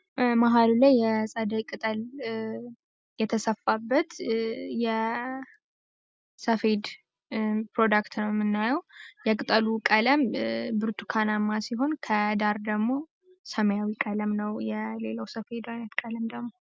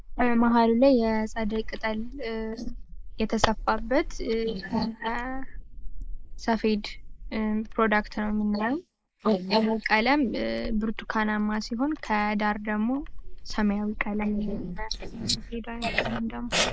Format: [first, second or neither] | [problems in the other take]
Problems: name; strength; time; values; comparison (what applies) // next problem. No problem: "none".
first | noise reduction (neural mask model Resemble Enhance denoiser)